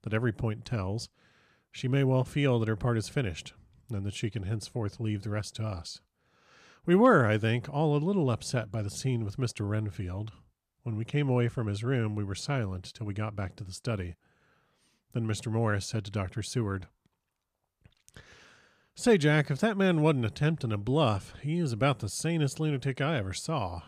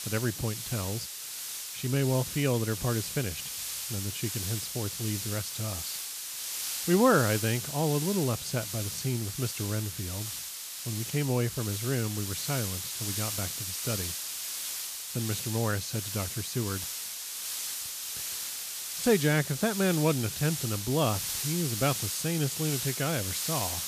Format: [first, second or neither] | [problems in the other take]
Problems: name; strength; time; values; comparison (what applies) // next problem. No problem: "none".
first | hiss; loud; throughout; 3 dB below the speech